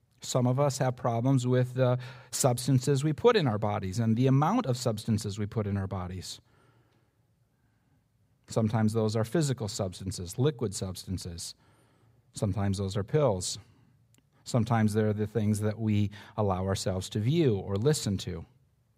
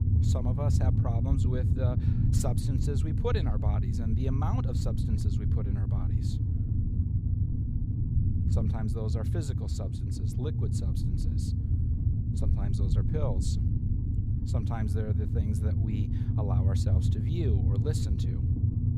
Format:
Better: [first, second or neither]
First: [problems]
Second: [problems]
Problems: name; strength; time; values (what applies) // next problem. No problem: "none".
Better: first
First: none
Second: low rumble; loud; throughout; 1 dB below the speech